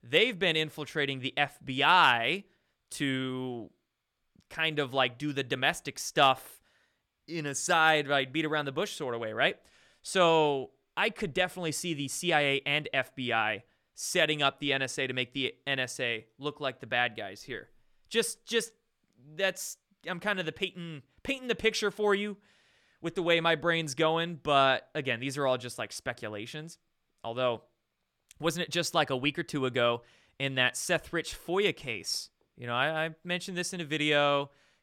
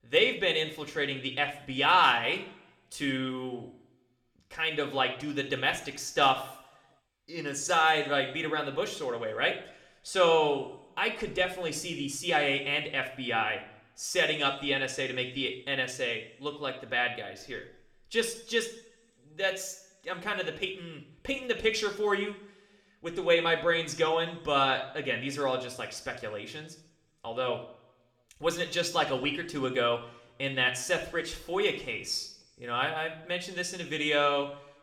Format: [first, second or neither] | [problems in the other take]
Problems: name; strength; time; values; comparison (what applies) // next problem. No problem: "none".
first | room echo; slight; dies away in 0.6 s